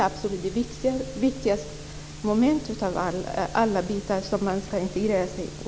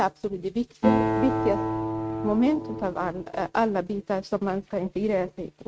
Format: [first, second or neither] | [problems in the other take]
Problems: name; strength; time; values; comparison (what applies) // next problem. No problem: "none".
first | noise reduction (neural mask model RNNoise)